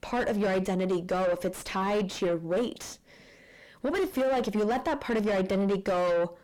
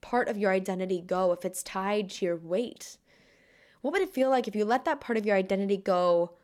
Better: second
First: distortion; heavy; 6 dB below the speech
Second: none

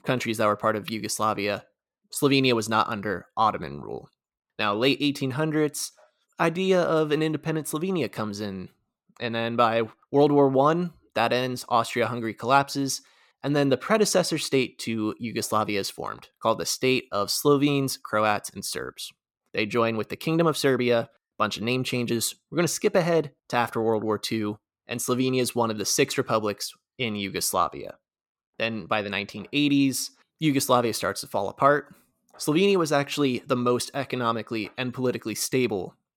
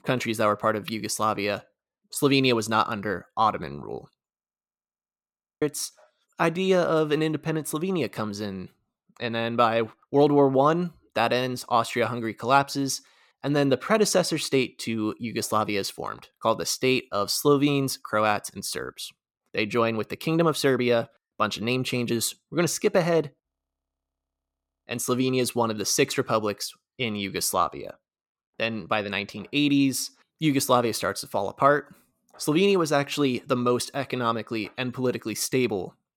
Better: first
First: none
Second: audio freezing; at 4.5 s for 1.5 s and at 23 s for 1.5 s

